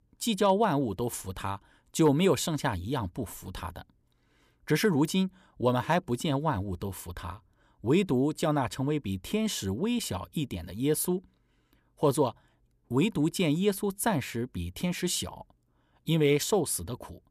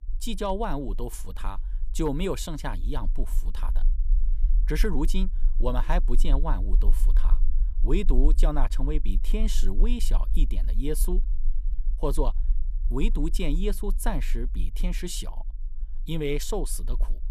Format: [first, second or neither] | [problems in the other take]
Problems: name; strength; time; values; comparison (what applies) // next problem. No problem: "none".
first | low rumble; faint; throughout; 20 dB below the speech